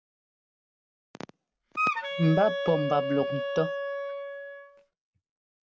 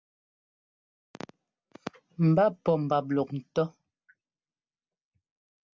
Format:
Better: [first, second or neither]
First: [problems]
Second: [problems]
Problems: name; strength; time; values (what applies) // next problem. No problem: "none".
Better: second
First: background sound (Wind instrument, woodwind instrument); 1 dB below the speech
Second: none